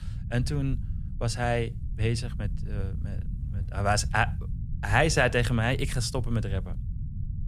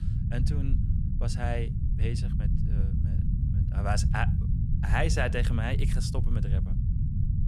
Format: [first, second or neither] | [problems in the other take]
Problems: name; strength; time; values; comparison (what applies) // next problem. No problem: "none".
first | low rumble; loud; throughout; 8 dB below the speech; faint in the first